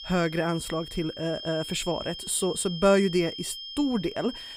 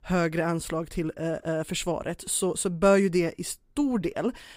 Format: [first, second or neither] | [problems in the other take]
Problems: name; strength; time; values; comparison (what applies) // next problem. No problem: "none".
second | high-pitched whine; loud; throughout; 3 kHz, 10 dB below the speech